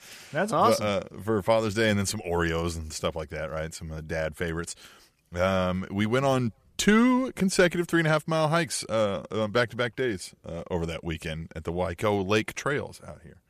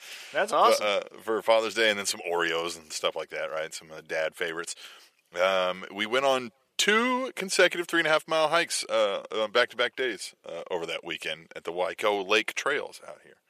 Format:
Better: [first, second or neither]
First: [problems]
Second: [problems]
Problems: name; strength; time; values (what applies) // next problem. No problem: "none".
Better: first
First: none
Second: thin; somewhat; fading below 500 Hz